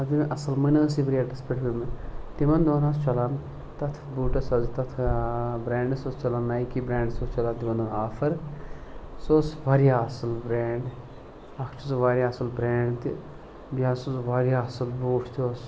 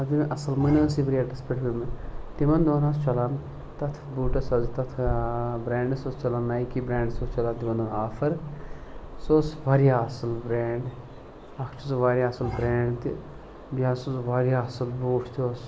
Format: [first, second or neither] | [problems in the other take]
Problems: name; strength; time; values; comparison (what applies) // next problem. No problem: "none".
first | background sound (Bowed string instrument); 12 dB below the speech